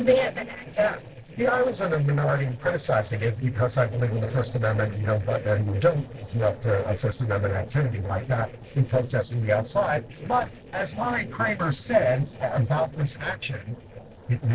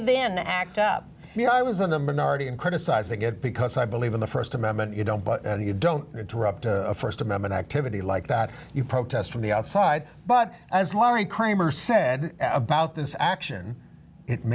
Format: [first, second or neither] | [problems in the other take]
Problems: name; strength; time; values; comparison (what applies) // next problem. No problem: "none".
second | noise reduction (neural separator model SepFormer DNS4)